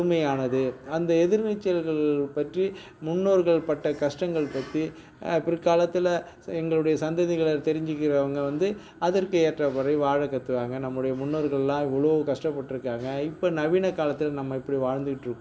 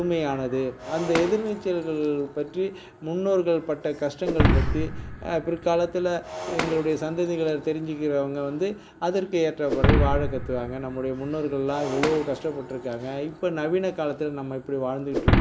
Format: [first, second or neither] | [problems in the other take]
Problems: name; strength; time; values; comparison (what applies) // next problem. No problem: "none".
first | background sound (Shatter); 3 dB below the speech